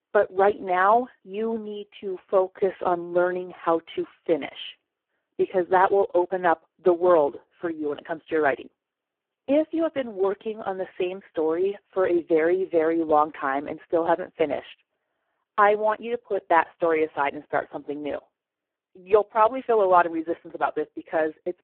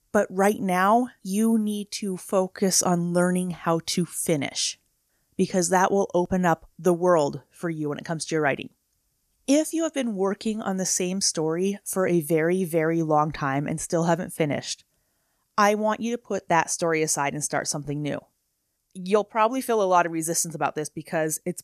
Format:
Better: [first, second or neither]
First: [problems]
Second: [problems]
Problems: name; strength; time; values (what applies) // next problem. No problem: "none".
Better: second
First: phone-call audio; poor line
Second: none